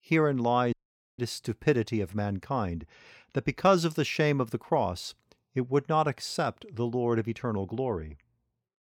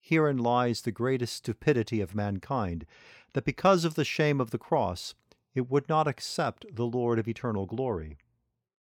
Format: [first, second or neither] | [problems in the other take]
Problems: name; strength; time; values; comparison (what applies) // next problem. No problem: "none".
second | audio cutting out; at 0.5 s